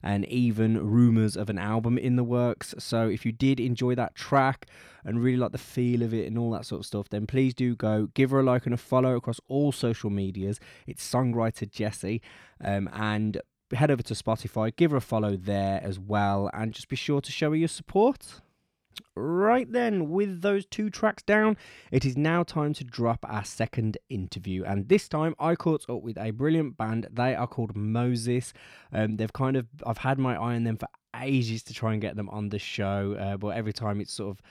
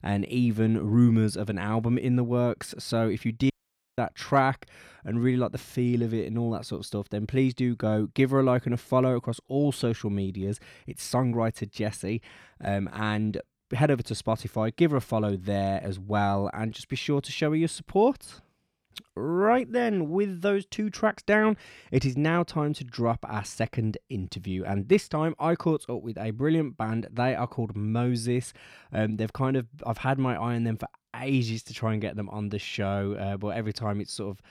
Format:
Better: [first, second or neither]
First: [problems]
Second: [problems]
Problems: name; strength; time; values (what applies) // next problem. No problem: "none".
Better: first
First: none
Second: audio cutting out; at 3.5 s